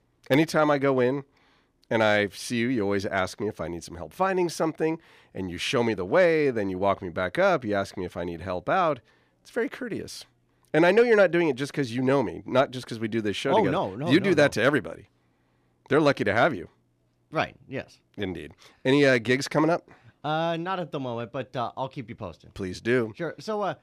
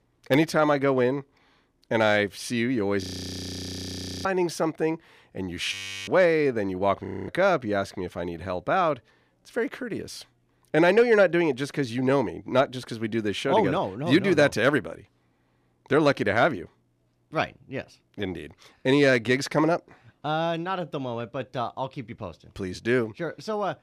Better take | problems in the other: first | audio freezing; at 3 s for 1 s, at 5.5 s and at 7 s

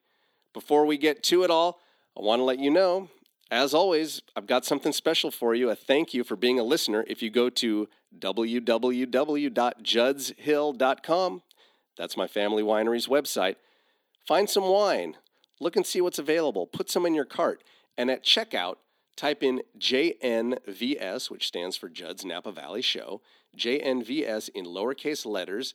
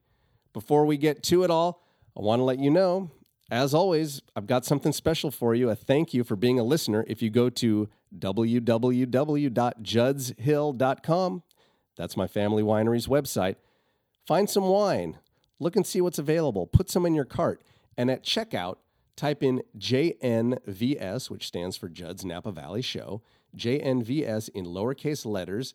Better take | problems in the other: second | thin; very slightly; fading below 250 Hz

